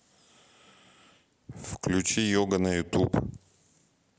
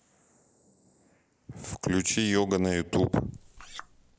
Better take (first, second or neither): first